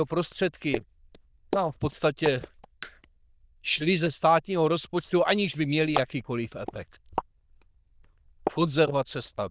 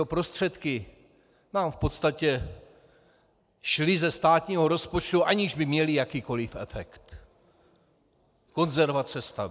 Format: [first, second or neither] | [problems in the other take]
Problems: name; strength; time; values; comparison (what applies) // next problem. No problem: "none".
second | noise reduction (neural diffusion model UNIVERSE++)